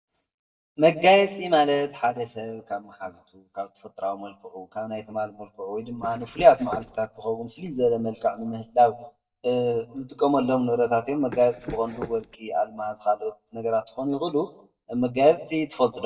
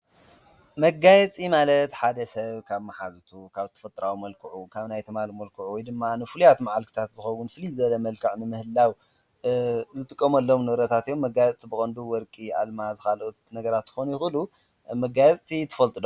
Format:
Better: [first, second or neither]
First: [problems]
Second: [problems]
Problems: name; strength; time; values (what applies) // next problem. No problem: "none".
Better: second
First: noise reduction (neural mask model DeepFilterNet 3)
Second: none